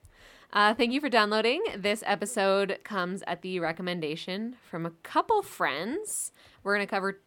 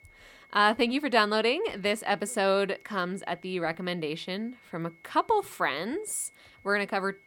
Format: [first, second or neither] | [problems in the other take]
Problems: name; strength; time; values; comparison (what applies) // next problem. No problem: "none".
first | high-pitched whine; faint; throughout; 2 kHz, 30 dB below the speech